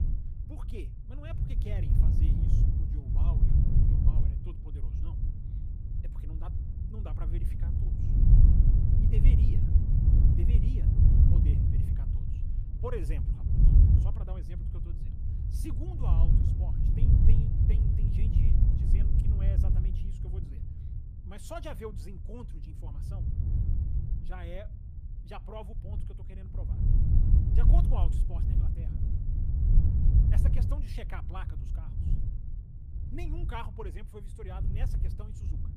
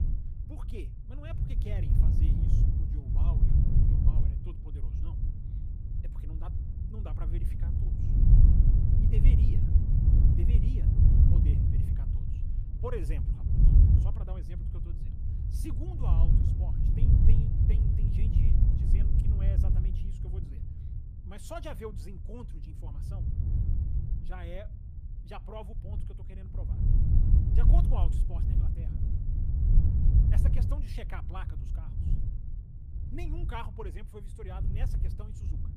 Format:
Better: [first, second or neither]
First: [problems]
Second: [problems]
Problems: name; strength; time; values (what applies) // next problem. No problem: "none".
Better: neither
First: wind noise on the microphone; heavy; 3 dB above the speech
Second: wind noise on the microphone; heavy; 3 dB above the speech